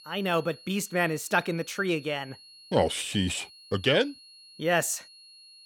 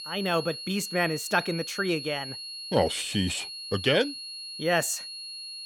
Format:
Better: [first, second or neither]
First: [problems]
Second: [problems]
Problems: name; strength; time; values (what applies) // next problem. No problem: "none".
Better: first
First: high-pitched whine; faint; throughout; 4.5 kHz, 20 dB below the speech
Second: high-pitched whine; loud; throughout; 4.5 kHz, 8 dB below the speech